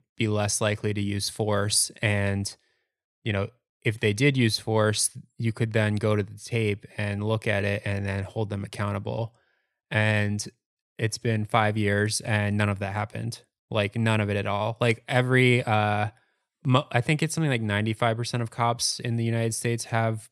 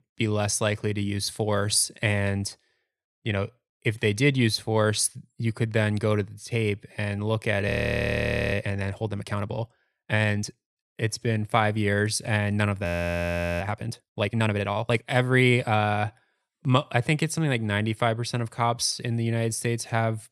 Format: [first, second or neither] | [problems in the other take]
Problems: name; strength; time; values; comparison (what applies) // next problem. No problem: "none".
first | audio freezing; at 7.5 s for 1 s and at 13 s for 1 s